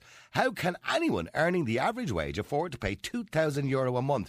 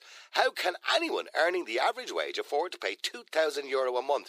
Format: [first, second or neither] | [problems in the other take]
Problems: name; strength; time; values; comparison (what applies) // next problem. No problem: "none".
first | thin; very; fading below 350 Hz